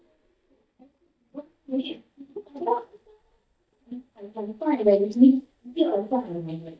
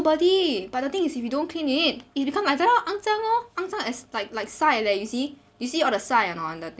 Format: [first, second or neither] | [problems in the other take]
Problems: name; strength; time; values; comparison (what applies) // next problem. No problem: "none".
second | noise reduction (neural mask model DeepFilterNet 3)